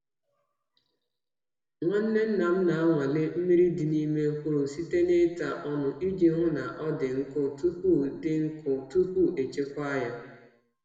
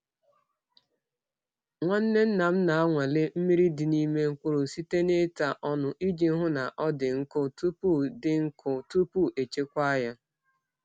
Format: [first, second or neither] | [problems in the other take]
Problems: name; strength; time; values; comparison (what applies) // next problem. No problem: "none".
second | room echo; dies away in 1.2 s